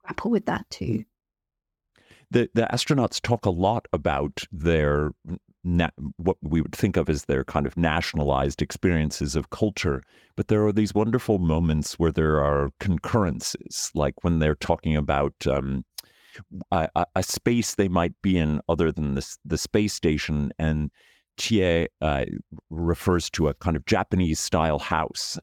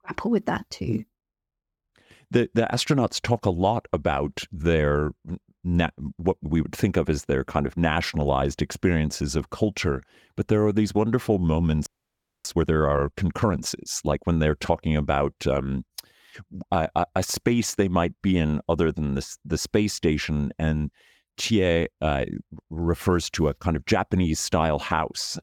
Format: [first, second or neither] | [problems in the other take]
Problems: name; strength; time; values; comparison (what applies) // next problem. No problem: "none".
first | audio freezing; at 12 s for 0.5 s